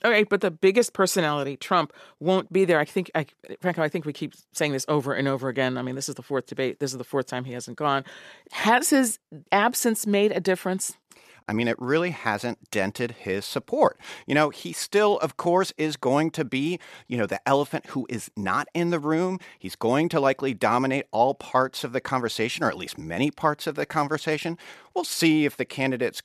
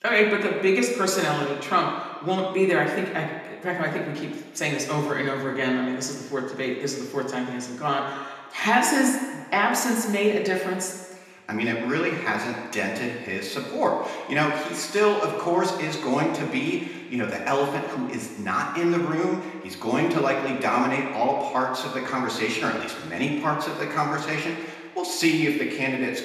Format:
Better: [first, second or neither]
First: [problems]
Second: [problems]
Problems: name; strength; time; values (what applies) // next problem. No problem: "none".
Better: first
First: none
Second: room echo; noticeable; dies away in 1.3 s // off-mic speech; somewhat distant